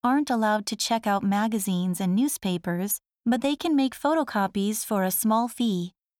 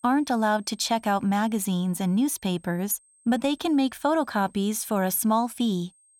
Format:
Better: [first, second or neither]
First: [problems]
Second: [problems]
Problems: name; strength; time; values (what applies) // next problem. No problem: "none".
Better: first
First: none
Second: high-pitched whine; faint; throughout; 8.5 kHz, 30 dB below the speech